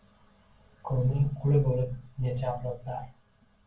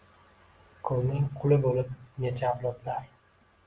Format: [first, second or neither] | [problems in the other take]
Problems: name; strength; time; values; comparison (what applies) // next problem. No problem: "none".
second | room echo; dies away in 0.2 s